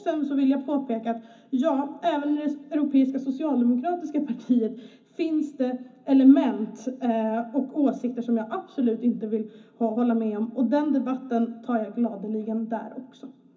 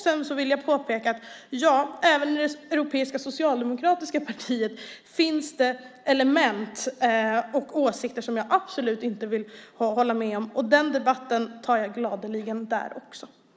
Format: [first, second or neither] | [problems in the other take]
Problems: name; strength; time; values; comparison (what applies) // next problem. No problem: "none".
second | room echo; dies away in 0.3 s